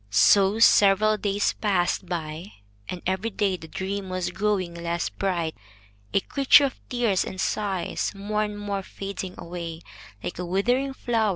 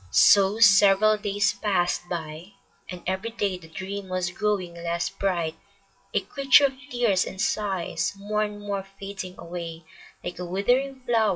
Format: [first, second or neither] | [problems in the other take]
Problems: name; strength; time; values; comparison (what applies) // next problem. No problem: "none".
first | noise reduction (classical method WPE with log-MMSE)